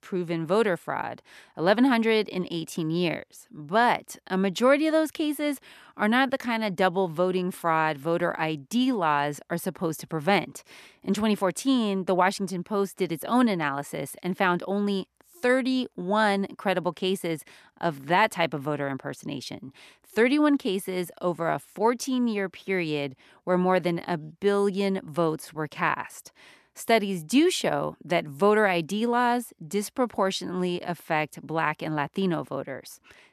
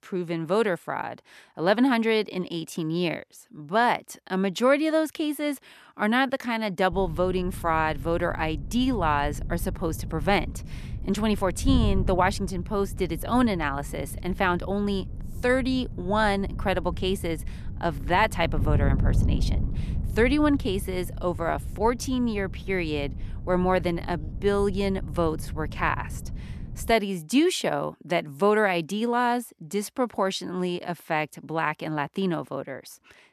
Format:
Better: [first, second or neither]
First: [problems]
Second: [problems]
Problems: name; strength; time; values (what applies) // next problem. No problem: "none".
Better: first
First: none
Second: wind noise on the microphone; occasional gusts; from 7 to 27 s; 20 dB below the speech